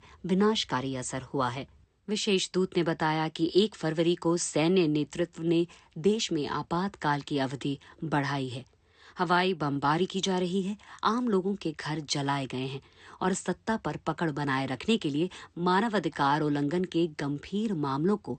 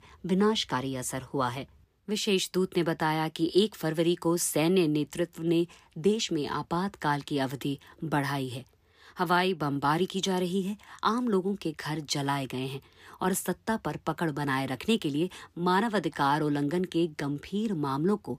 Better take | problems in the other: second | garbled, watery; slightly; nothing above 8.5 kHz

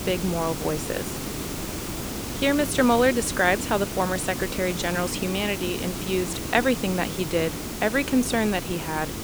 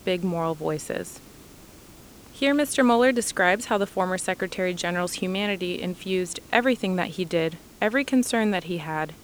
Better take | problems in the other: second | hiss; loud; throughout; 6 dB below the speech; faint in the second

